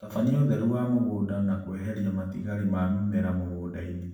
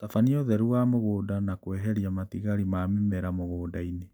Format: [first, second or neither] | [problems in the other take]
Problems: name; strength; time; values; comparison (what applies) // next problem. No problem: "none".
second | room echo; dies away in 0.6 s